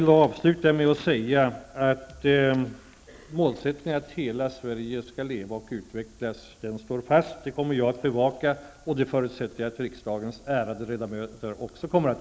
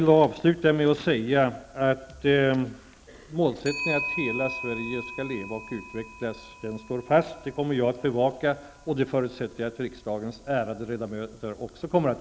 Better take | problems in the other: first | background sound (Clock); 14 dB below the speech

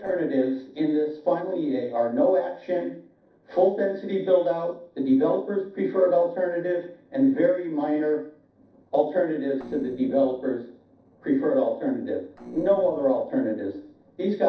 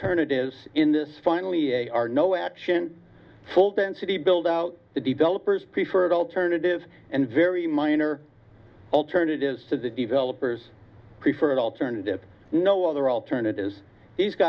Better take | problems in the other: second | noise reduction (neural separator model SepFormer DNS4)

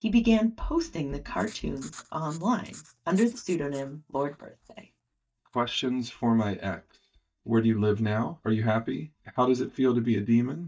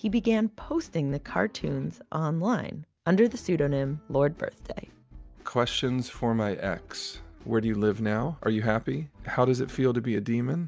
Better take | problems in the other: second | noise reduction (neural mask model DeepFilterNet 3)

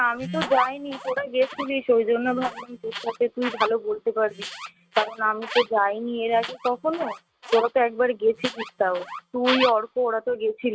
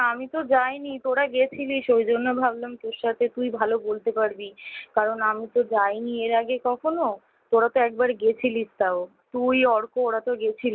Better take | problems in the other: second | noise reduction (neural mask model RNNoise)

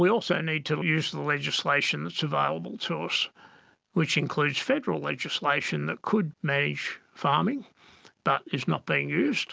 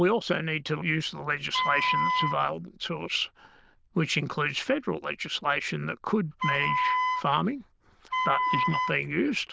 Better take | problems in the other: first | noise reduction (neural diffusion model UNIVERSE++)

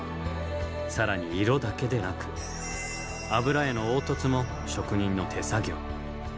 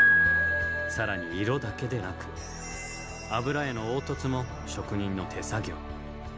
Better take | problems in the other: first | background sound (Piano); 1 dB above the speech

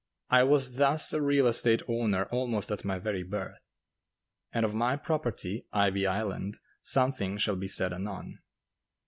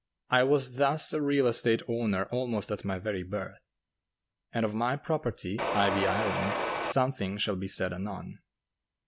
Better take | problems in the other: first | background sound (Mechanisms); as loud as the speech

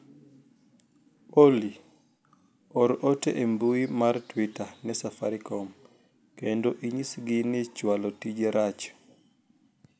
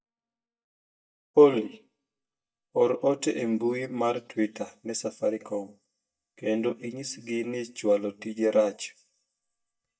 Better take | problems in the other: first | noise reduction (neural mask model DeepFilterNet 3)

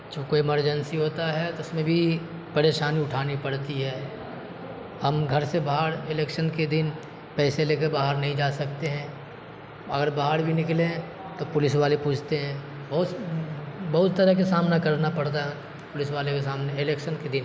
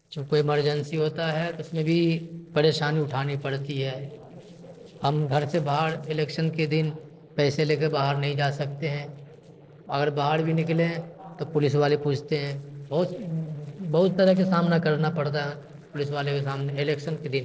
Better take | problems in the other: first | noise reduction (neural separator model SepFormer DNS4)

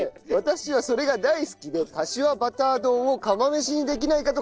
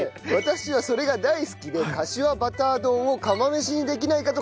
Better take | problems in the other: second | noise reduction (neural separator model SepFormer DNS4)

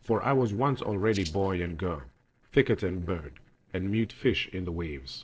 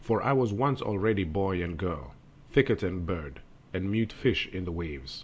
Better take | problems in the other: second | noise reduction (neural separator model SepFormer DNS4)

